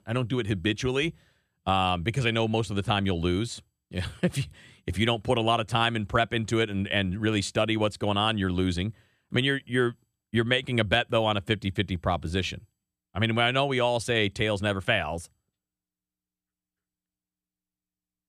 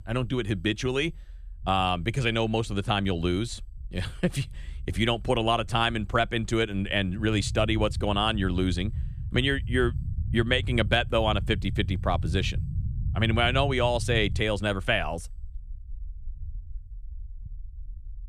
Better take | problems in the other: first | low rumble; faint; throughout; 20 dB below the speech

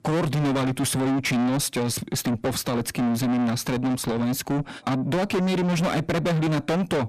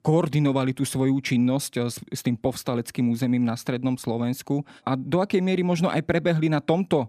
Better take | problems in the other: second | distortion; heavy; 6 dB below the speech

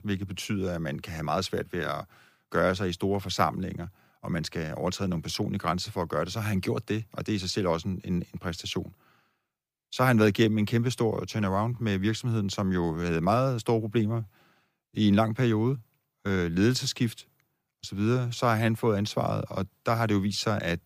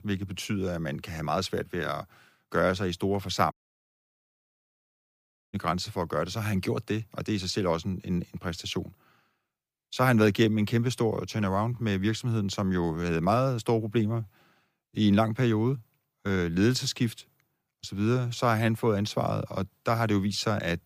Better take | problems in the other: first | audio cutting out; at 3.5 s for 2 s

